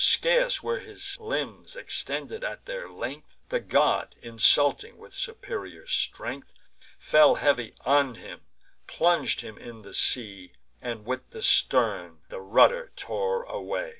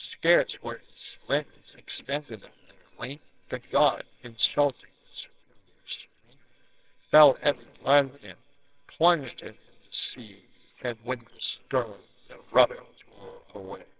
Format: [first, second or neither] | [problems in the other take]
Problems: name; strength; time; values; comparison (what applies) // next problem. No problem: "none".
first | noise reduction (neural separator model SepFormer WHAMR!)